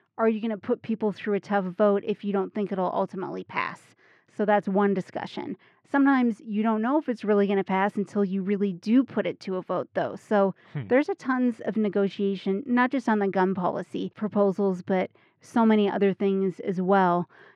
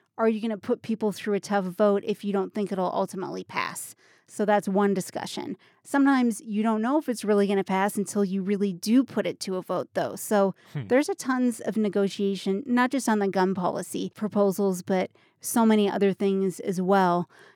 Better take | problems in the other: second | muffled; slightly; fading above 2.5 kHz

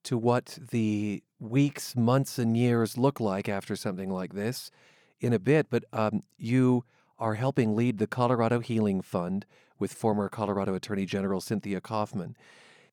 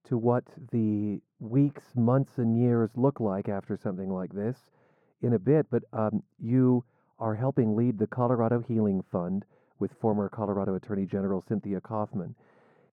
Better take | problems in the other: first | muffled; very; fading above 1.5 kHz

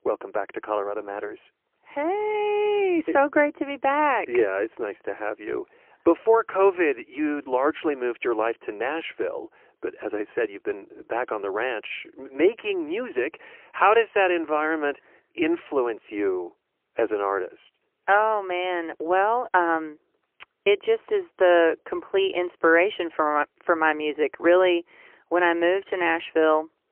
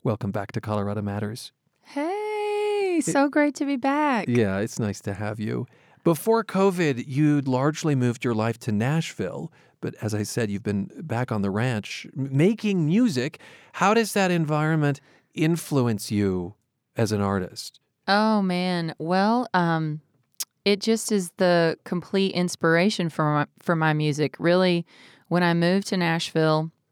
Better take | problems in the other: second | phone-call audio; poor line; nothing above 3 kHz

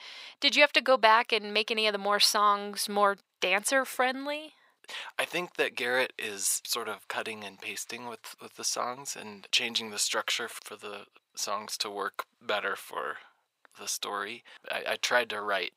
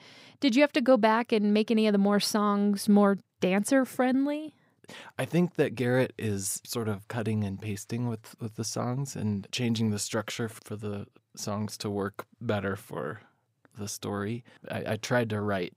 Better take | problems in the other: second | thin; very; fading below 700 Hz

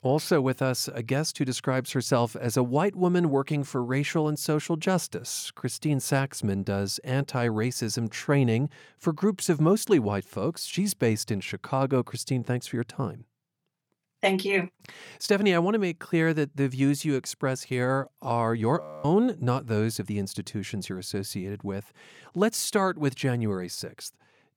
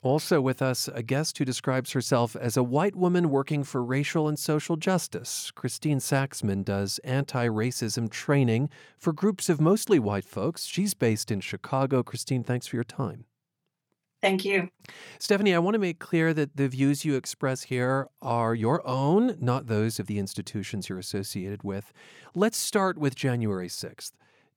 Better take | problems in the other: second | audio freezing; at 19 s

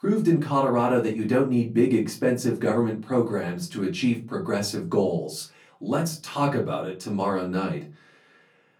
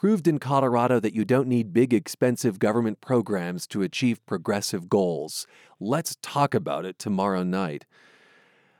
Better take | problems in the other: second | off-mic speech; far // room echo; very slight; dies away in 0.3 s

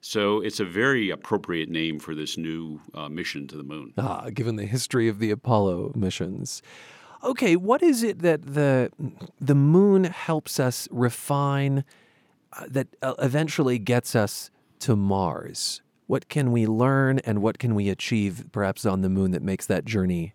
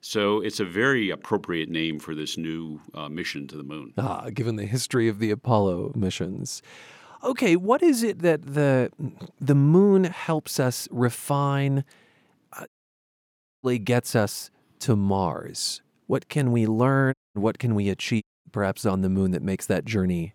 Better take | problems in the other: first | audio cutting out; at 13 s for 1 s, at 17 s and at 18 s

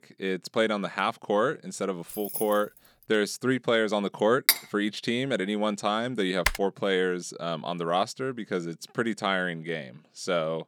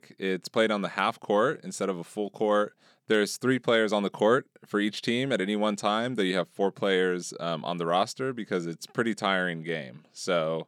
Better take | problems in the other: second | jangling keys; noticeable; at 2 s; peak 5 dB below the speech // clattering dishes; loud; at 4.5 s; peak 5 dB above the speech // keyboard typing; noticeable; at 6.5 s; peak 1 dB below the speech

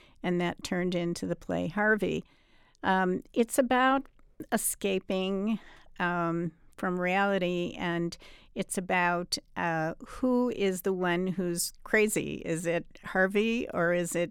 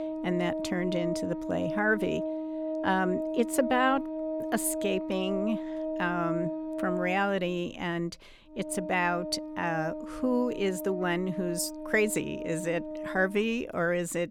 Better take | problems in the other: first | background music; loud; throughout; 5 dB below the speech

